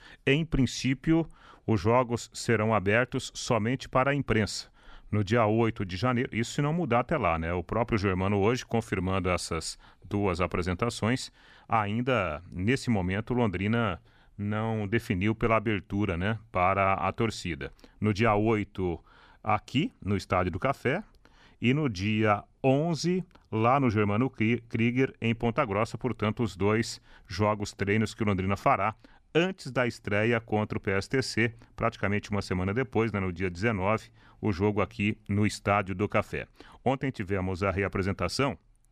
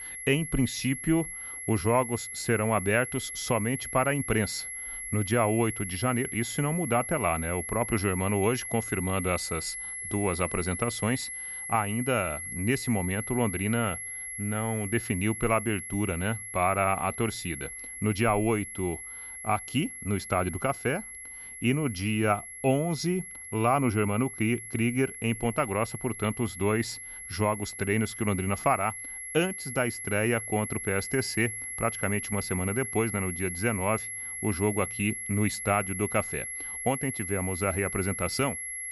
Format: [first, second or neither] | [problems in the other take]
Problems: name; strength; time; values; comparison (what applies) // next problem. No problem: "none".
first | high-pitched whine; loud; throughout; 2 kHz, 7 dB below the speech